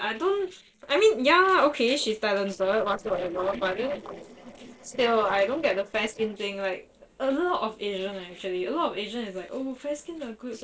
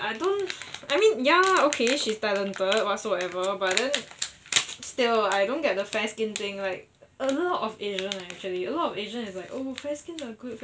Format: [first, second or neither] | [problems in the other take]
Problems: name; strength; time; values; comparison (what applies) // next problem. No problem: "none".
second | noise reduction (neural separator model SepFormer DNS4)